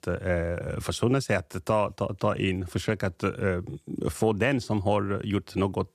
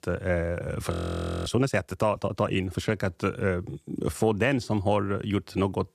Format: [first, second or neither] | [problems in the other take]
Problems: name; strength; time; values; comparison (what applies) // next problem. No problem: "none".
first | audio freezing; at 1 s for 0.5 s